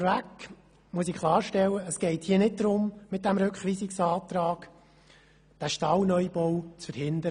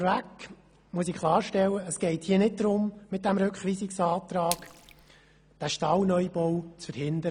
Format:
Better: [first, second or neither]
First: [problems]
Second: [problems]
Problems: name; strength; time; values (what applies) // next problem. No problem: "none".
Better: first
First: none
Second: background sound (Splash, splatter); 13 dB below the speech